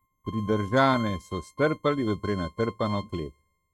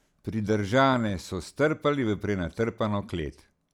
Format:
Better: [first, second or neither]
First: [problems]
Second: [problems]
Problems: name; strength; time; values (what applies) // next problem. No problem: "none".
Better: second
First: noise reduction (neural mask model RNNoise)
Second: none